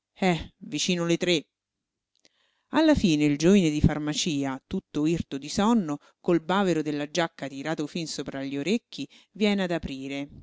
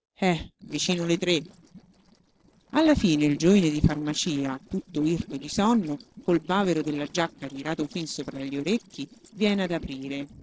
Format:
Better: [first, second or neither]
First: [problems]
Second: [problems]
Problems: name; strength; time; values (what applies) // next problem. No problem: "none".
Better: first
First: none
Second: noise reduction (neural separator model SepFormer DNS4)